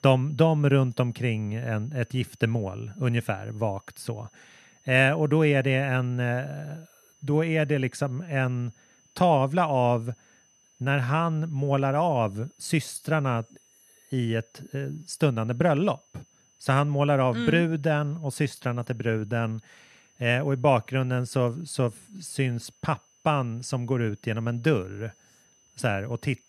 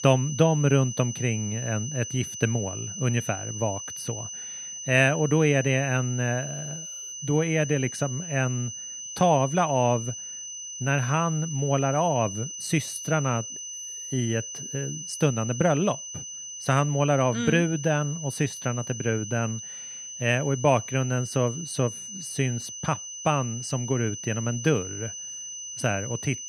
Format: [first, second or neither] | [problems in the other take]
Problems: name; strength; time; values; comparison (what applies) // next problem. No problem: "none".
first | high-pitched whine; loud; throughout; 6 kHz, 8 dB below the speech; faint in the first